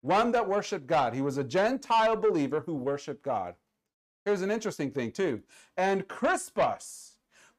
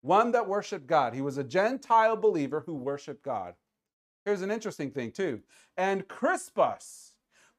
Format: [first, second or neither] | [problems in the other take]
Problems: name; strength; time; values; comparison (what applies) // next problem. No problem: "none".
second | distortion; slight; 10 dB below the speech